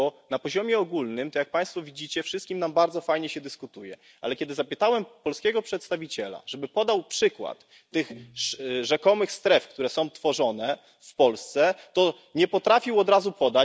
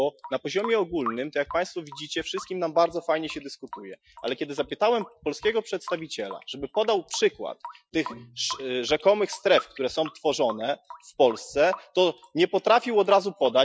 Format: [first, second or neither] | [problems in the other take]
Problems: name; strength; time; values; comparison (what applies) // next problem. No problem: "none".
first | noise reduction (classical method Wiener filter)